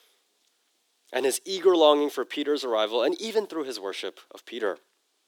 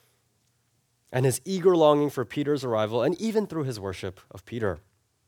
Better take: second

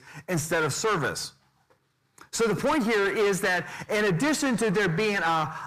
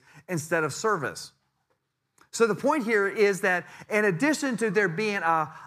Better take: second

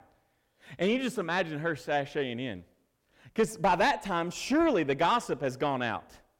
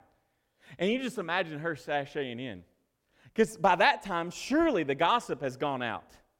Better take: second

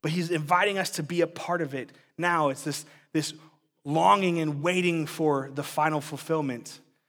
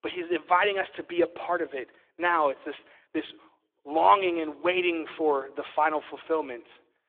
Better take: first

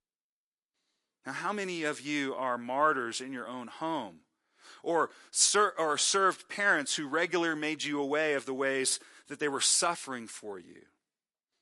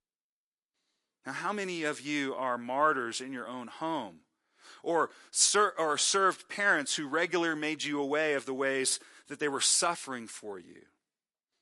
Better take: neither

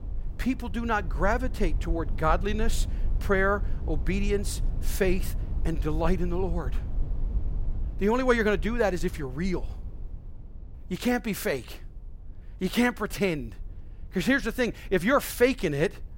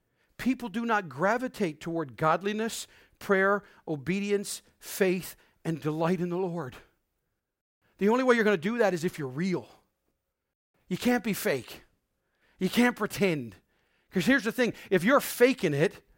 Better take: second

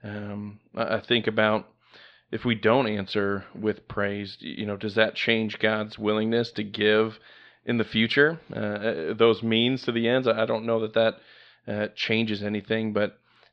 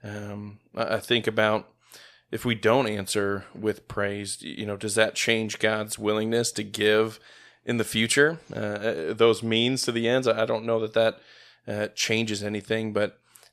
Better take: second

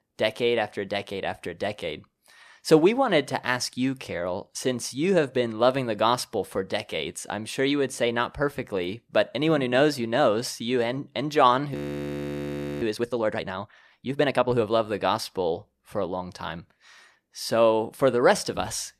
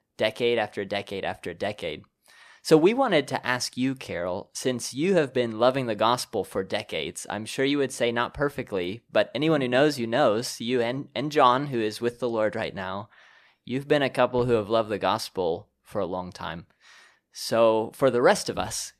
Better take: second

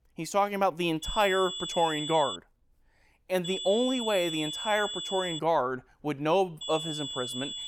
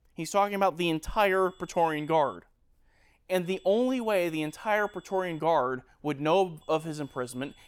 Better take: second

